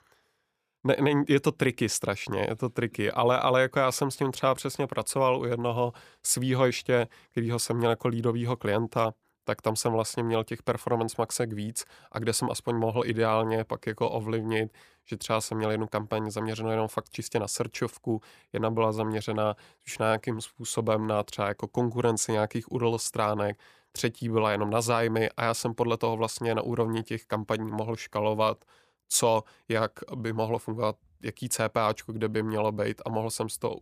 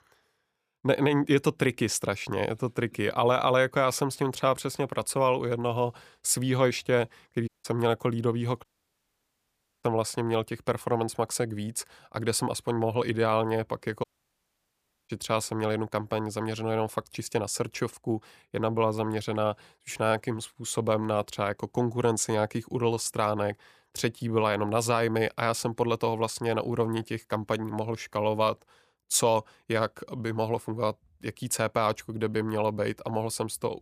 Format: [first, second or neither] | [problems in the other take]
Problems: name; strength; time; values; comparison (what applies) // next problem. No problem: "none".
first | audio cutting out; at 7.5 s, at 8.5 s for 1 s and at 14 s for 1 s